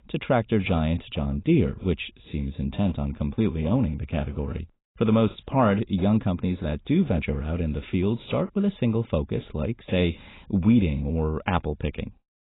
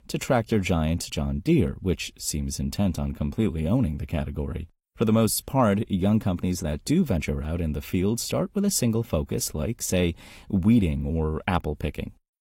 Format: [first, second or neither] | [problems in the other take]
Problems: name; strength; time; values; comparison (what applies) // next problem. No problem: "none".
second | garbled, watery; badly; nothing above 4 kHz; slightly in the second